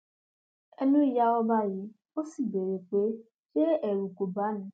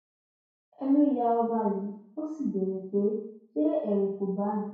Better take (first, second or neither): first